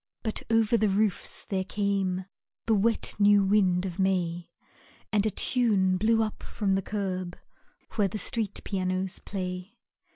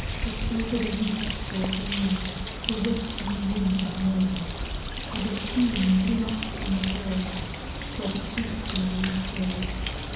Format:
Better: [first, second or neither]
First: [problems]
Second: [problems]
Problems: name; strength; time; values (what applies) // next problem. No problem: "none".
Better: first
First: none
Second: background sound (Bird); 3 dB below the speech // room echo; dies away in 1.1 s